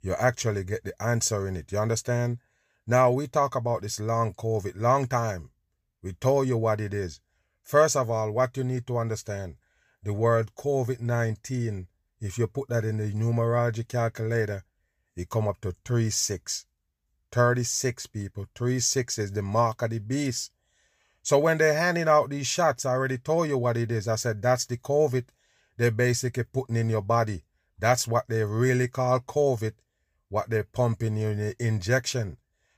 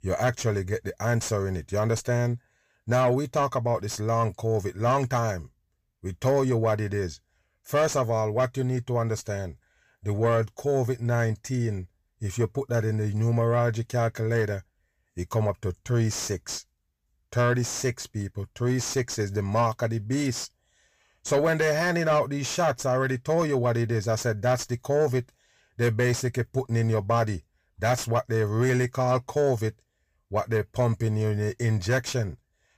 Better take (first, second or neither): first